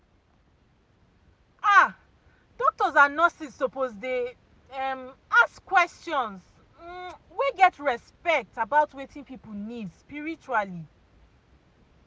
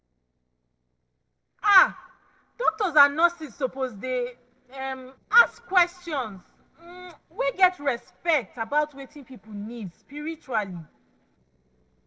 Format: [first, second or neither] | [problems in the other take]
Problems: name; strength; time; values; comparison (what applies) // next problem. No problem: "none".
first | noise reduction (neural separator model SepFormer DNS4)